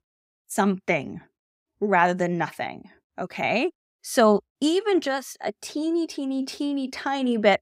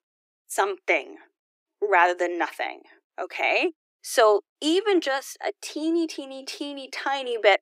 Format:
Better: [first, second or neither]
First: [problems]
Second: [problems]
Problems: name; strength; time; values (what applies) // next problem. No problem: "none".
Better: first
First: none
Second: thin; very; fading below 300 Hz